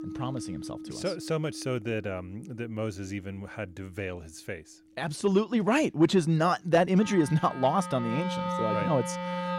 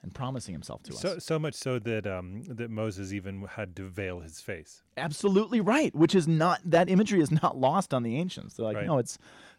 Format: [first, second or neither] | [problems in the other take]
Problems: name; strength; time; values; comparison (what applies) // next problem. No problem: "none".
second | background music; loud; throughout; 8 dB below the speech